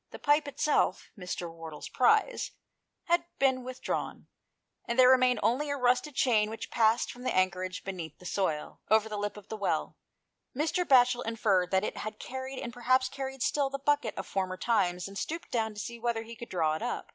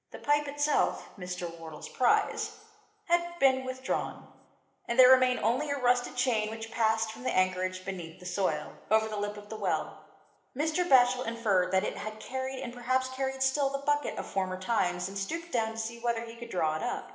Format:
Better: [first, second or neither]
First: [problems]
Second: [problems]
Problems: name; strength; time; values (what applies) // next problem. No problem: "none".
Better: first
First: none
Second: room echo; dies away in 1 s